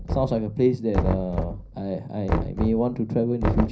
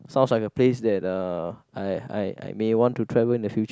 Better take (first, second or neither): second